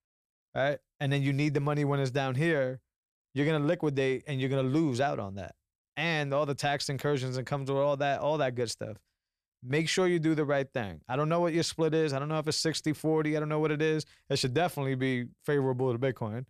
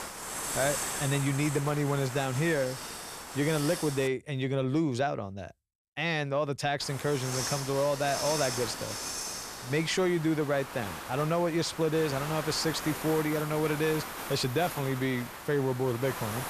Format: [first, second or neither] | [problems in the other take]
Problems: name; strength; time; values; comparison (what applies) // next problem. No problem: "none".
first | hiss; loud; until 4 s and from 7 s on; 6 dB below the speech